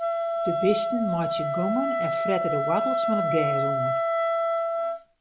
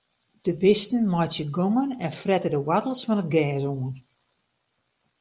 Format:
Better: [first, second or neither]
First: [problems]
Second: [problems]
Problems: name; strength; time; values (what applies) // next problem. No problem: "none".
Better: second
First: background sound (Wind instrument, woodwind instrument); 4 dB above the speech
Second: none